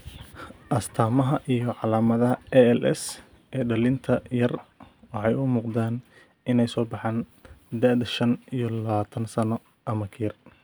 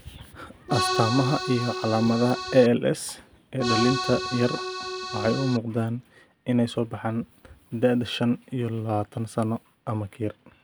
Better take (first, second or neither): first